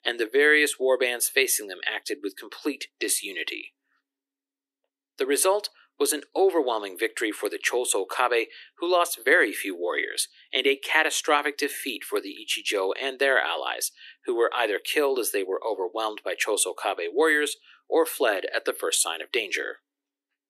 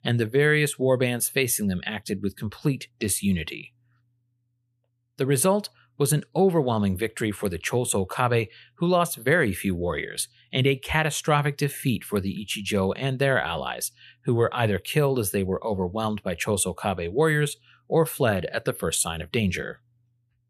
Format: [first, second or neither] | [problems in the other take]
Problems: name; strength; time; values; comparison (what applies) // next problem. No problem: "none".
second | thin; very; fading below 300 Hz